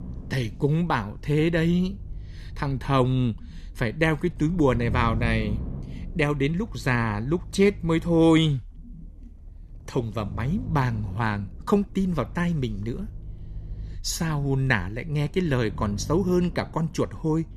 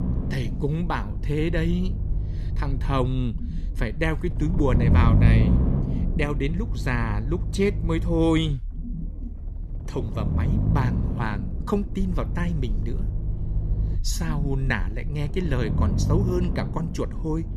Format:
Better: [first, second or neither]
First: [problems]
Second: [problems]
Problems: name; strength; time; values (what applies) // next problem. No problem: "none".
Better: first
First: low rumble; faint; throughout; 20 dB below the speech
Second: low rumble; loud; throughout; 8 dB below the speech